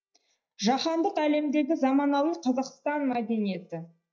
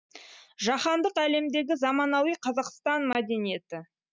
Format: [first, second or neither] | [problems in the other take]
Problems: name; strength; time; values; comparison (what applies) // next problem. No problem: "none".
second | noise reduction (neural mask model DeepFilterNet 3)